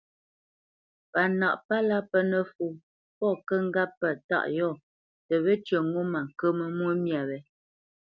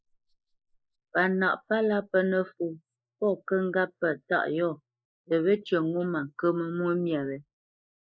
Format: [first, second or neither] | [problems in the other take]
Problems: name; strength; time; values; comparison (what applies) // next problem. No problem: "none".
first | noise reduction (neural mask model Resemble Enhance denoiser)